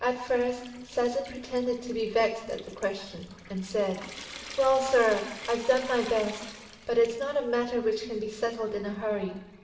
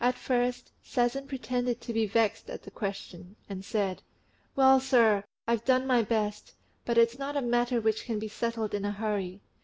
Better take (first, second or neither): second